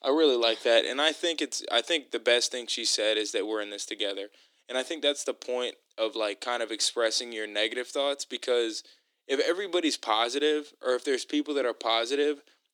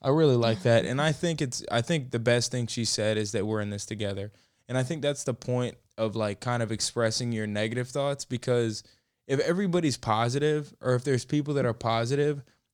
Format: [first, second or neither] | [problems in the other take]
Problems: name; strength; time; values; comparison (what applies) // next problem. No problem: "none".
second | thin; somewhat; fading below 300 Hz